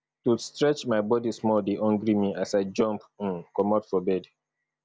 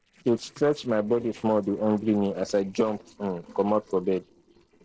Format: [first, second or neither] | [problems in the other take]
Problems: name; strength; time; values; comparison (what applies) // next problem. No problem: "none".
first | noise reduction (neural separator model SepFormer DNS4)